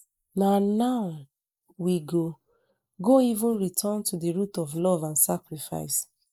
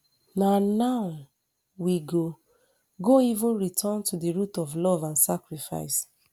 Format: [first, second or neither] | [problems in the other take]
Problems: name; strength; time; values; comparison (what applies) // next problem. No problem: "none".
second | noise reduction (neural mask model Resemble Enhance denoiser)